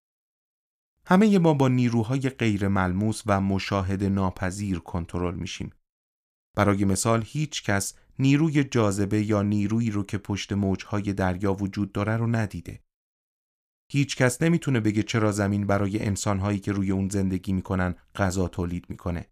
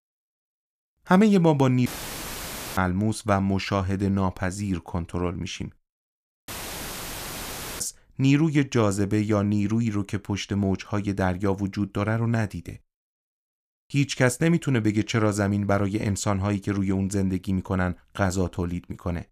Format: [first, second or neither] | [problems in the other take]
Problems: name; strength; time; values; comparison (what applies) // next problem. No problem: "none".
first | audio cutting out; filled with static; at 2 s for 1 s and at 6.5 s for 1.5 s